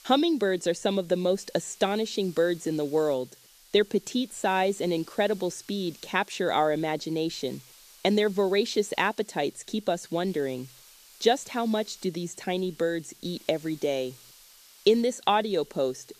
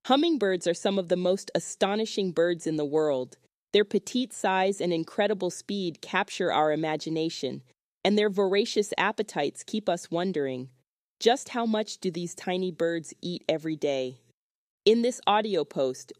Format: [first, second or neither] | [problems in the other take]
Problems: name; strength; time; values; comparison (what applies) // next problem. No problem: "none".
second | hiss; faint; throughout; 25 dB below the speech